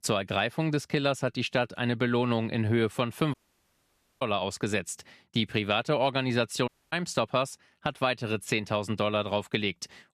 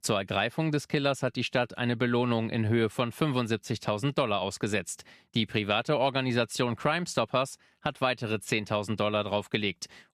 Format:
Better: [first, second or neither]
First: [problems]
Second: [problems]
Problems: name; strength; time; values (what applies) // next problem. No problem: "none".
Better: second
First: audio cutting out; at 3.5 s for 1 s and at 6.5 s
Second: none